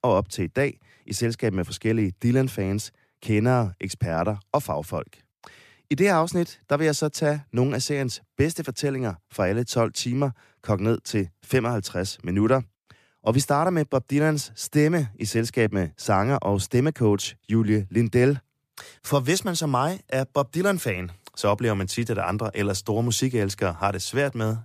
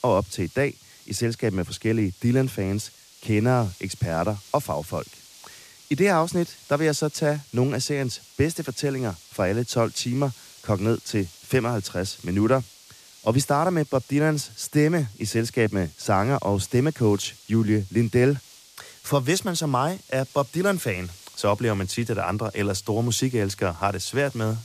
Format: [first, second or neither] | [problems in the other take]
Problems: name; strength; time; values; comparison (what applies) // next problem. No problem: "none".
first | hiss; faint; throughout; 20 dB below the speech